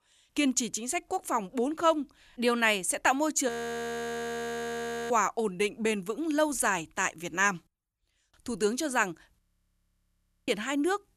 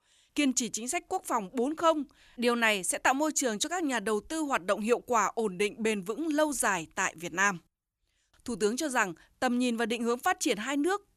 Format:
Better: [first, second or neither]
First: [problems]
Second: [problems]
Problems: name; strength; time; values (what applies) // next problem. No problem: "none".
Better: second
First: audio freezing; at 3.5 s for 1.5 s and at 9.5 s for 1 s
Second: none